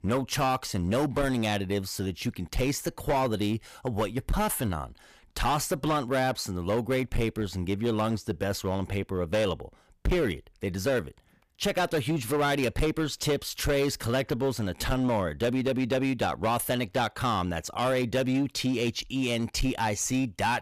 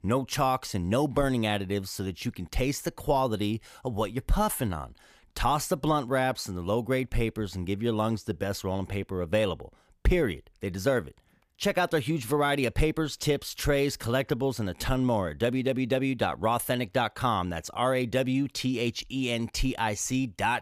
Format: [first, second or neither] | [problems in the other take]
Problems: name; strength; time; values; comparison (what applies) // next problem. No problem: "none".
second | distortion; slight; 11% of the sound clipped